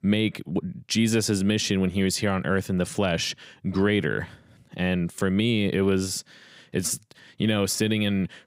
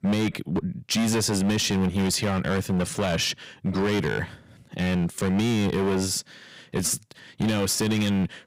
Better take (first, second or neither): first